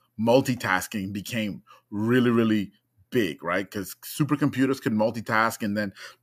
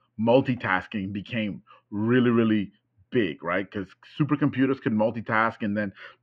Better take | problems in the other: first | muffled; very; fading above 3 kHz

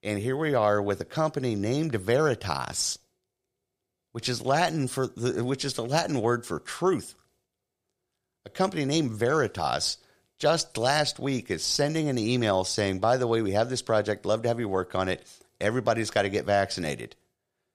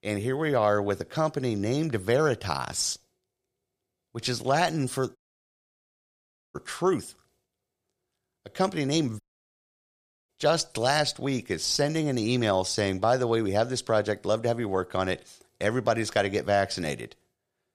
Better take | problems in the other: first | audio cutting out; at 5 s for 1.5 s and at 9 s for 1 s

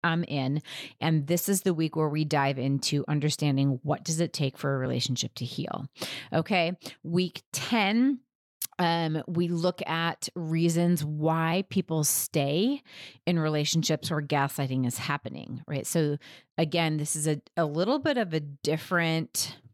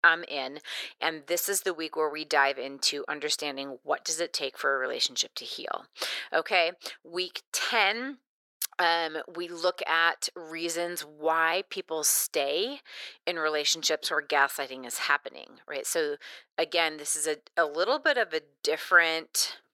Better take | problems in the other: first | thin; very; fading below 450 Hz

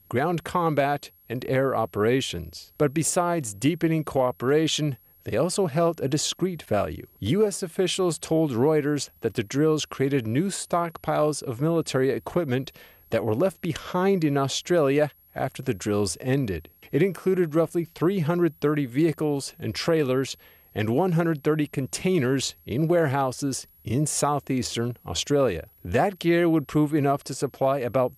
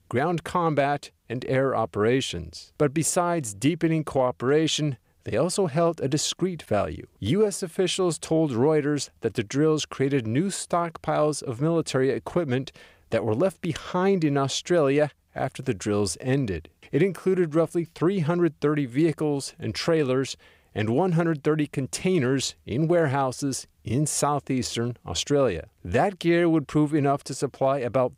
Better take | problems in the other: second | high-pitched whine; faint; throughout; 11.5 kHz, 30 dB below the speech

